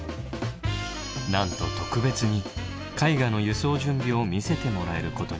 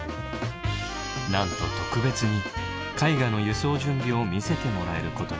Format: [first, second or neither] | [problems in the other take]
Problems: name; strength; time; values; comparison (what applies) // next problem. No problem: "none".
first | background sound (Trumpet); 10 dB below the speech